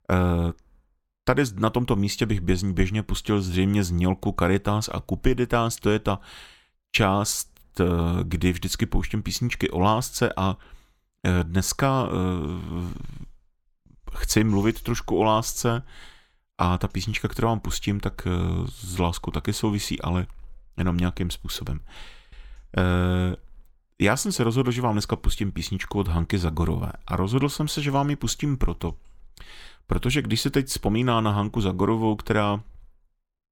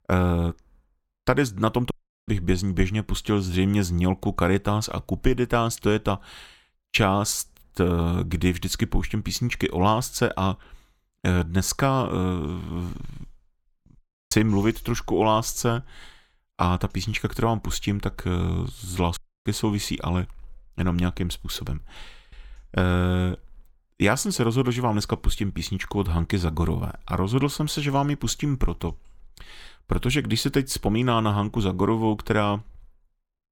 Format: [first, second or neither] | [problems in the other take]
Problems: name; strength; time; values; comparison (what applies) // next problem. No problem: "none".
first | audio cutting out; at 2 s, at 14 s and at 19 s